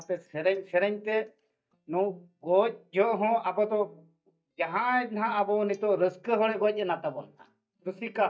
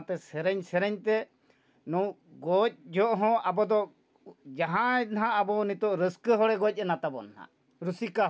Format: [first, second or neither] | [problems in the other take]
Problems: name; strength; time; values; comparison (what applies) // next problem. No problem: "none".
second | noise reduction (neural mask model DeepFilterNet 3)